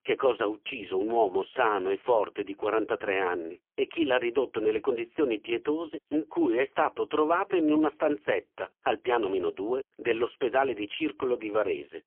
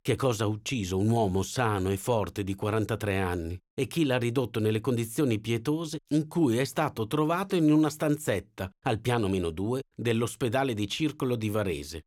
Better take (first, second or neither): second